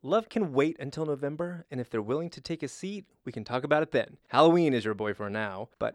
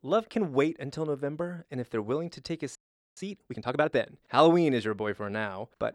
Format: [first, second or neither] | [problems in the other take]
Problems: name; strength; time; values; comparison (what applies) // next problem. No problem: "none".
first | audio freezing; at 3 s